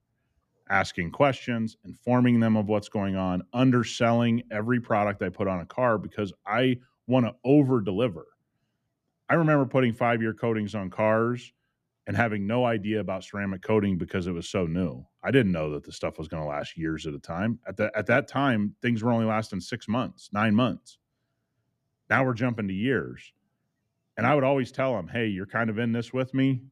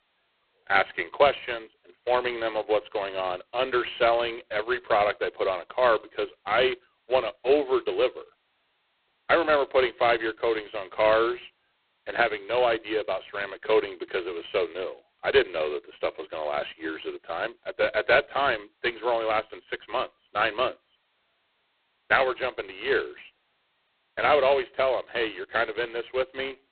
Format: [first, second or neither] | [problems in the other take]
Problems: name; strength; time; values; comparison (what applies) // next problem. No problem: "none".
first | phone-call audio; poor line; nothing above 4 kHz